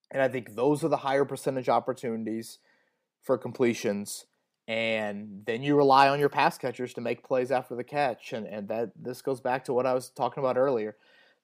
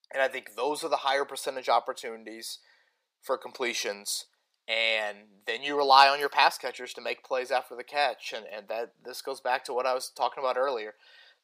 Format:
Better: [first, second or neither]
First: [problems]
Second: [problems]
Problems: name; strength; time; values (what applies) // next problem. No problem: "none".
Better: first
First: none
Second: thin; very; fading below 750 Hz